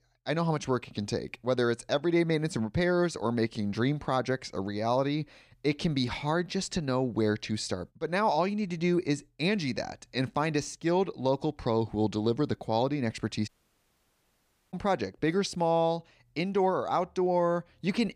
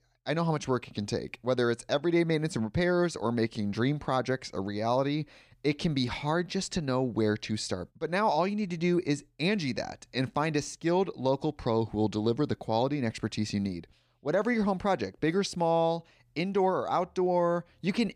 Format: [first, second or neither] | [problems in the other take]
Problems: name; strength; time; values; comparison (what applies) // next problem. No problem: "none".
second | audio cutting out; at 13 s for 1.5 s